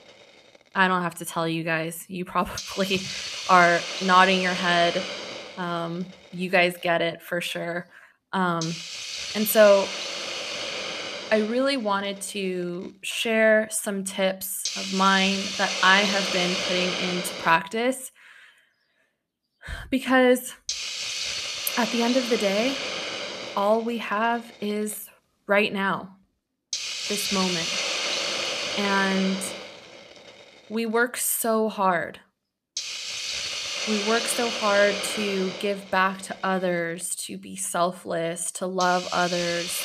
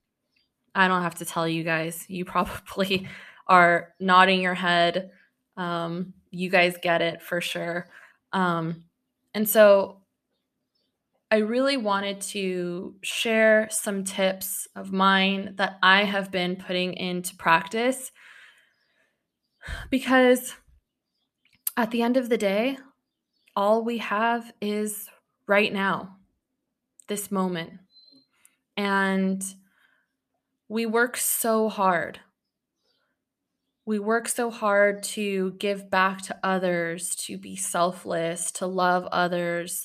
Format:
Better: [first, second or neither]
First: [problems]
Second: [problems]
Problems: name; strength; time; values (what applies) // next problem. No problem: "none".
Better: second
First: hiss; loud; until 18 s and from 20 s on; 4 dB below the speech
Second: none